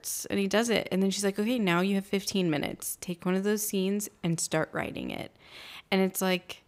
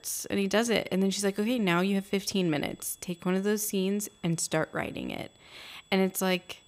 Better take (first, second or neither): first